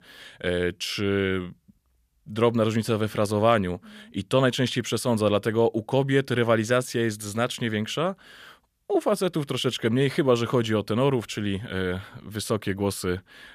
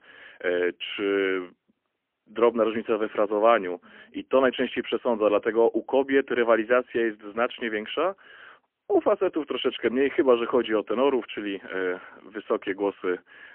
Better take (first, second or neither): first